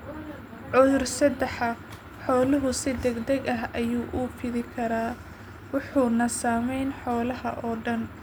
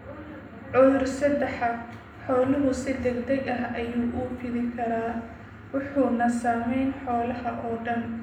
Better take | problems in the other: first | room echo; dies away in 0.7 s

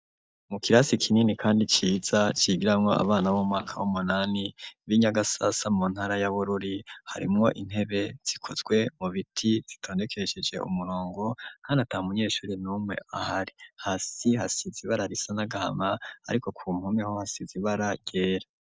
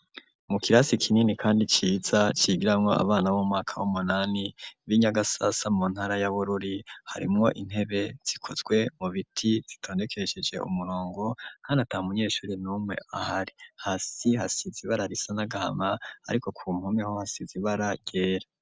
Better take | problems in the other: second | noise reduction (neural mask model DeepFilterNet 3)

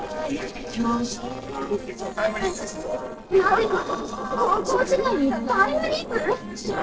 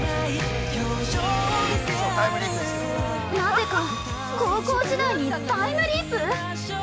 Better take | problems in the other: second | noise reduction (neural separator model SepFormer DNS4)

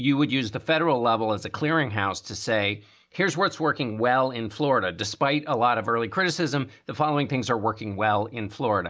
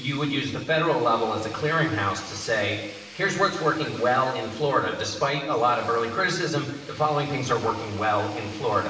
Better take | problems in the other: first | background sound (Tools); 20 dB below the speech // room echo; dies away in 1 s

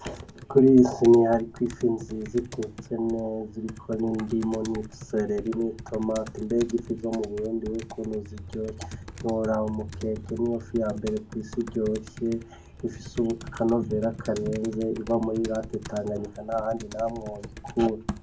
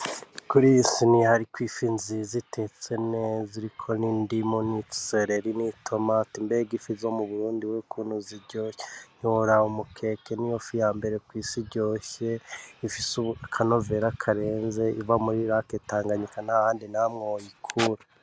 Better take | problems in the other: second | background sound (Computer keyboard); 14 dB below the speech // room echo; dies away in 0.3 s

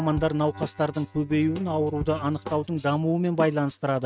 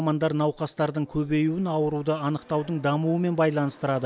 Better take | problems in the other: second | noise reduction (neural mask model RNNoise)

